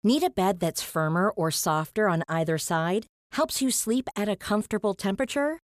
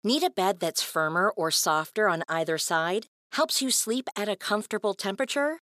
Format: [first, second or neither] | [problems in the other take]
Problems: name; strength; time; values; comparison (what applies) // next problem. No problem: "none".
first | thin; very slightly; fading below 300 Hz